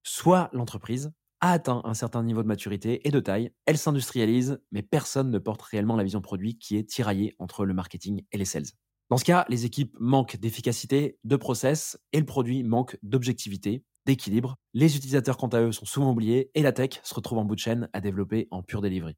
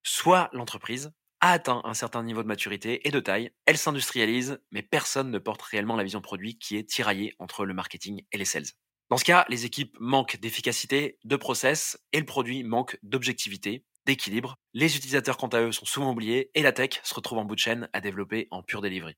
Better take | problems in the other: first | thin; somewhat; fading below 550 Hz

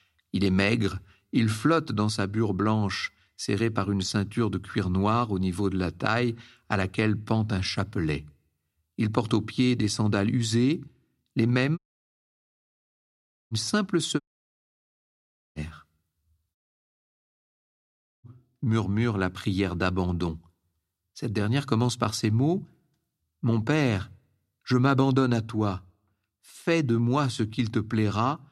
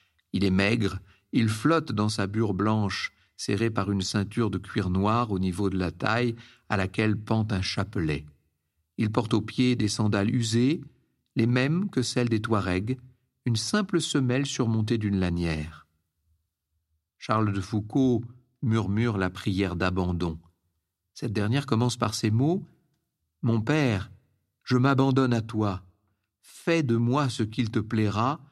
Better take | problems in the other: second | audio cutting out; at 12 s for 1.5 s, at 14 s for 1.5 s and at 17 s for 1.5 s

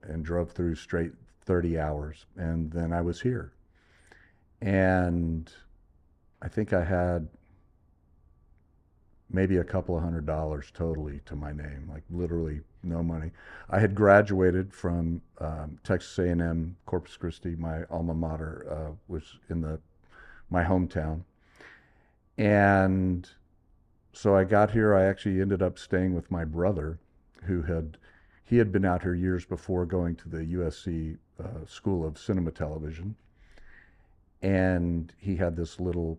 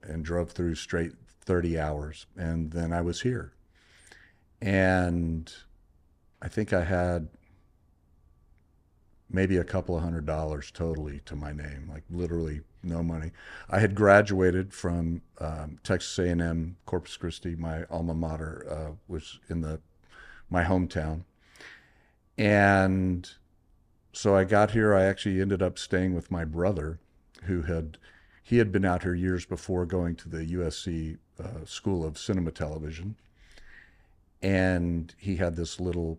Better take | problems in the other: second | muffled; slightly; fading above 2 kHz

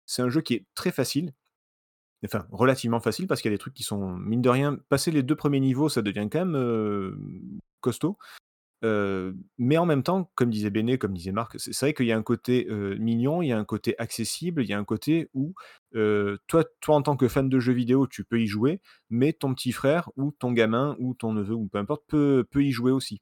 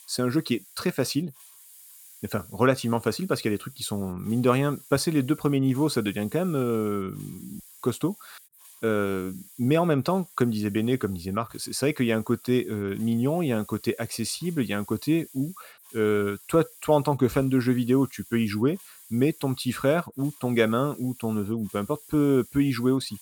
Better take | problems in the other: first | hiss; faint; throughout; 20 dB below the speech

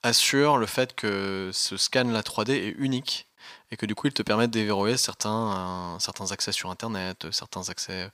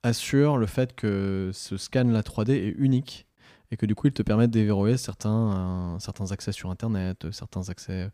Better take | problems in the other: second | thin; somewhat; fading below 1 kHz

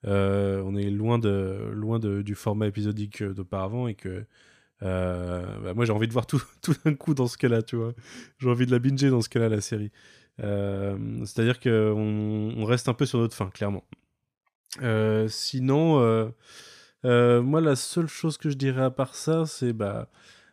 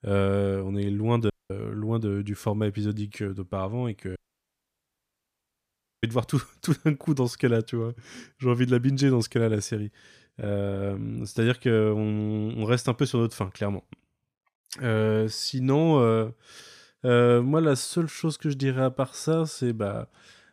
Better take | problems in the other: first | audio cutting out; at 1.5 s and at 4 s for 2 s

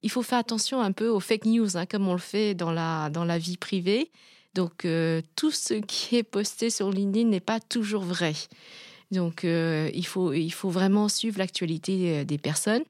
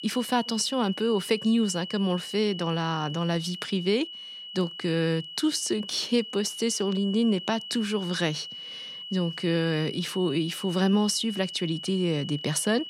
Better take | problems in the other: first | high-pitched whine; loud; throughout; 3 kHz, 10 dB below the speech

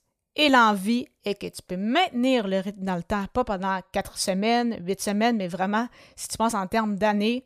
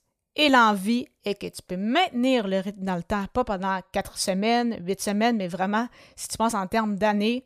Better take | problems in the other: neither | none

